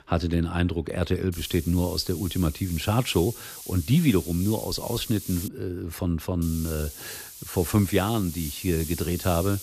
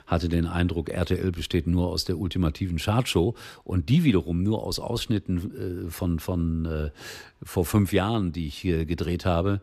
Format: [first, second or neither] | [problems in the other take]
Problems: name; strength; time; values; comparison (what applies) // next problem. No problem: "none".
second | hiss; noticeable; from 1.5 to 5.5 s and from 6.5 s on; 10 dB below the speech